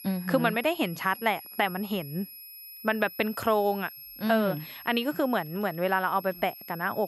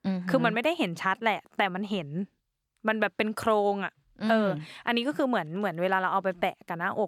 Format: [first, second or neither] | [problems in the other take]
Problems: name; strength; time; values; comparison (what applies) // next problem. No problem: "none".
second | high-pitched whine; noticeable; throughout; 11.5 kHz, 15 dB below the speech